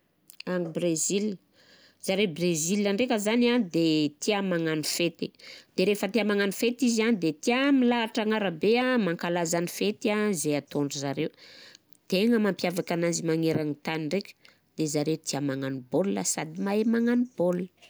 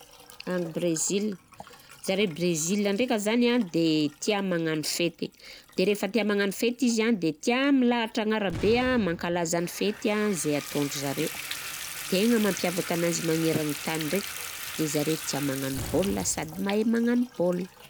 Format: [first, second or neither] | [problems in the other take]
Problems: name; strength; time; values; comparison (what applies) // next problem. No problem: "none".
first | background sound (Boom + Bathtub (filling or washing) / Water tap, faucet); 13 dB below the speech